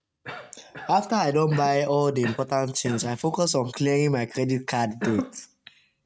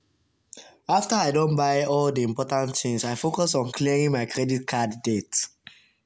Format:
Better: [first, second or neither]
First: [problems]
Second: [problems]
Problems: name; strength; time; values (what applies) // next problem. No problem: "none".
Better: second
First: noise reduction (neural mask model RNNoise)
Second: none